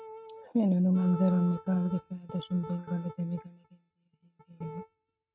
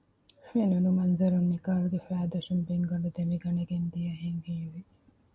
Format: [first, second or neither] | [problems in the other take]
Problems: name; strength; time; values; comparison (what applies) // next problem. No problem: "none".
second | noise reduction (neural mask model RNNoise)